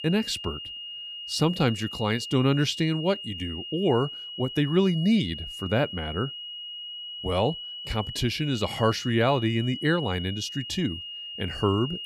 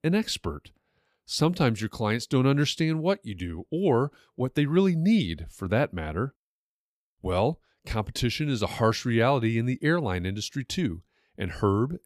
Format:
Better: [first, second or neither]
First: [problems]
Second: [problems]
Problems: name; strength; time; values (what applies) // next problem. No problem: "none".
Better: second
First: high-pitched whine; loud; throughout; 3 kHz, 9 dB below the speech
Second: none